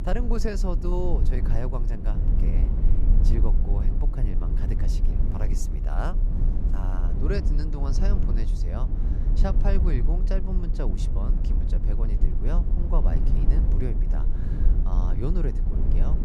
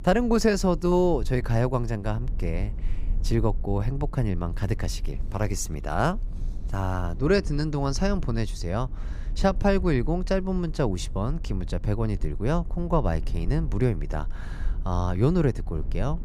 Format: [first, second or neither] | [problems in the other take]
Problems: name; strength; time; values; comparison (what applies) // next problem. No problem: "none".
second | low rumble; loud; throughout; 5 dB below the speech; faint in the second